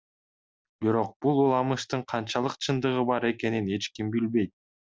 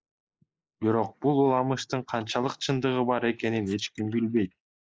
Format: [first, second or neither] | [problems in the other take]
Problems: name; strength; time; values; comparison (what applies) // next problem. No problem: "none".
first | noise reduction (neural mask model Resemble Enhance denoiser)